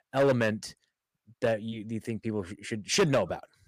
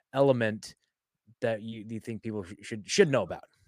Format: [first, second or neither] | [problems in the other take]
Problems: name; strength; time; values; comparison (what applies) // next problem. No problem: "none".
second | distortion; heavy; 4% of the sound clipped